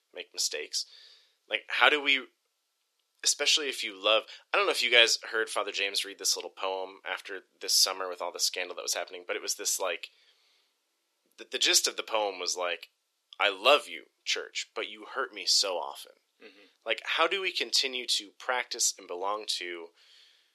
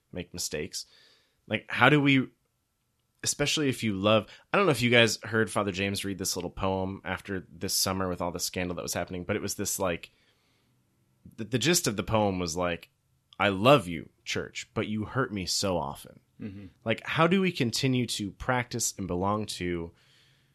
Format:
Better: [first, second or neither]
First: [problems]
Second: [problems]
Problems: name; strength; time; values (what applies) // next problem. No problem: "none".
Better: second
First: thin; very; fading below 400 Hz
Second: none